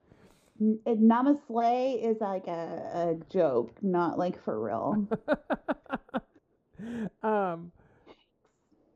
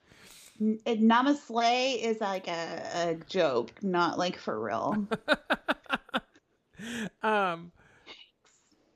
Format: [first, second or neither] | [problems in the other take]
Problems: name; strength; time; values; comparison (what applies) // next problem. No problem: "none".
second | muffled; very; fading above 1.5 kHz